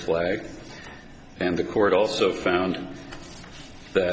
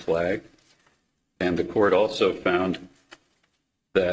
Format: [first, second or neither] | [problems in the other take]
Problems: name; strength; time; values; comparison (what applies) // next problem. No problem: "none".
first | noise reduction (neural mask model RNNoise)